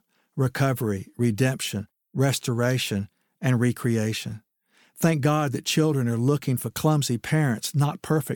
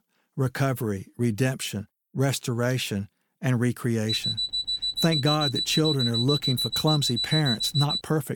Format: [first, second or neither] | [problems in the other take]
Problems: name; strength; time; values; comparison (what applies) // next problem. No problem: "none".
first | alarm; loud; from 4 s on; peak 1 dB above the speech